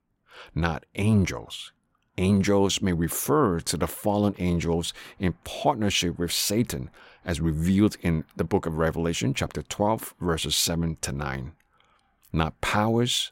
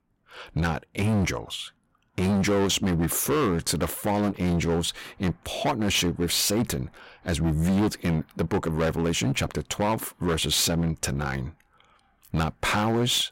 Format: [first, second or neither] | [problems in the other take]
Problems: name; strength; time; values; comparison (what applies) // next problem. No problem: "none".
first | distortion; heavy; 13% of the sound clipped